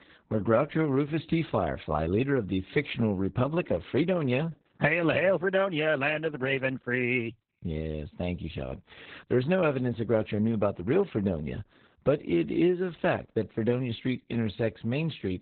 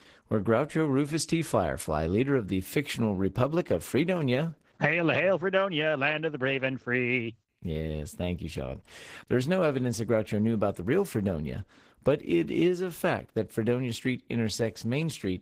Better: second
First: garbled, watery; badly; nothing above 4 kHz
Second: garbled, watery; slightly; nothing above 15.5 kHz

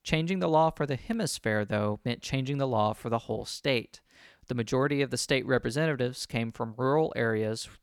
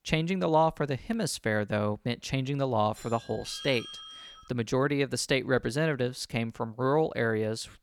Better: first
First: none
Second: doorbell; faint; from 3 to 4.5 s; peak 10 dB below the speech

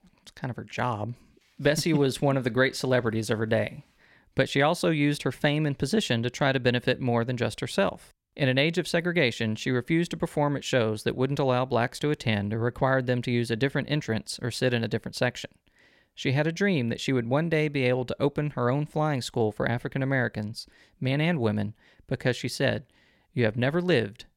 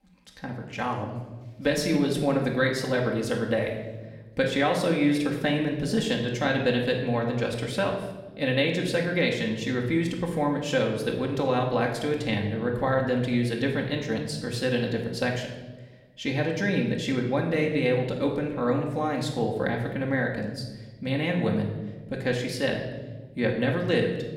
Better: first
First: none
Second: room echo; noticeable; dies away in 1 s // off-mic speech; somewhat distant

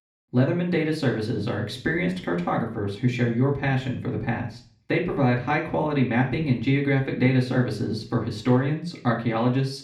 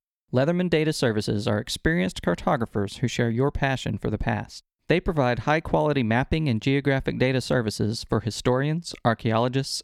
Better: second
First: room echo; slight; dies away in 0.5 s // off-mic speech; somewhat distant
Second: none

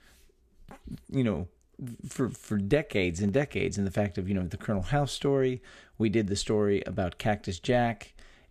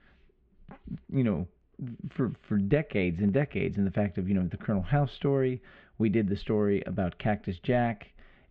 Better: first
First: none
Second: muffled; very; fading above 3 kHz

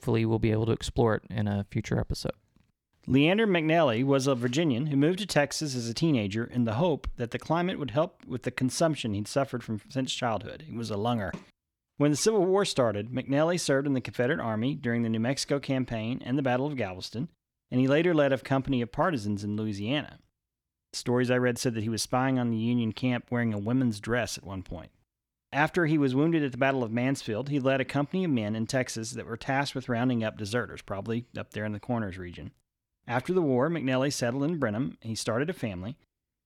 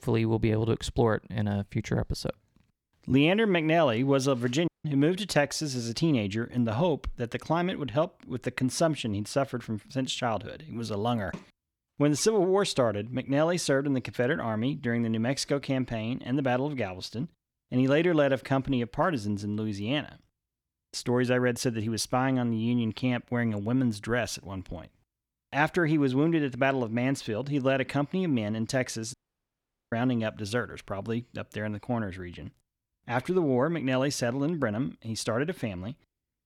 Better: first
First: none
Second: audio cutting out; at 4.5 s and at 29 s for 1 s

